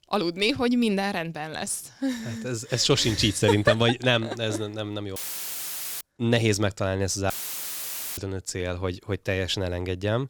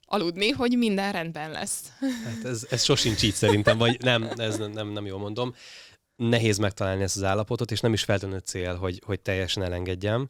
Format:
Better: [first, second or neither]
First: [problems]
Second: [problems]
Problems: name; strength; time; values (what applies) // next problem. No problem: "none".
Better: second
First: audio cutting out; filled with static; at 5 s for 1 s and at 7.5 s for 1 s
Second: none